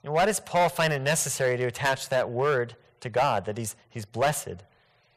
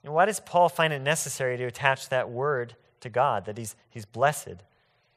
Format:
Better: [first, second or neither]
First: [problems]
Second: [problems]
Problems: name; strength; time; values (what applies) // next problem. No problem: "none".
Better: second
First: distortion; heavy; 5% of the sound clipped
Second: none